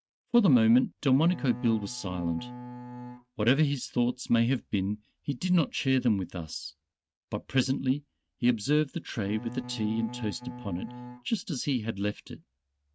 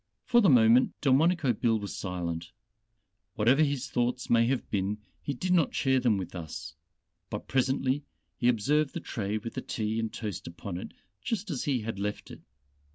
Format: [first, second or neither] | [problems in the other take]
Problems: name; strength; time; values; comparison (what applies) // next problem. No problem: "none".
second | noise reduction (neural mask model RNNoise)